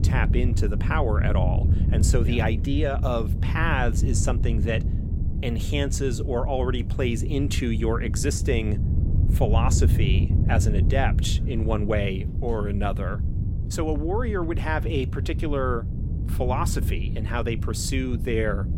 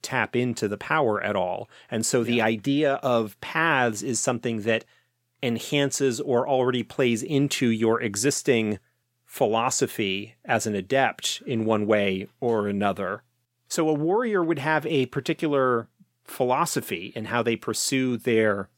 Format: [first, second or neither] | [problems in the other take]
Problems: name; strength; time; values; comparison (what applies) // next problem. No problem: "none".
second | wind noise on the microphone; heavy; 10 dB below the speech